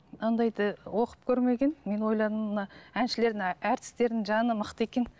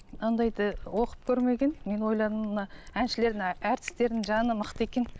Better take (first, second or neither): first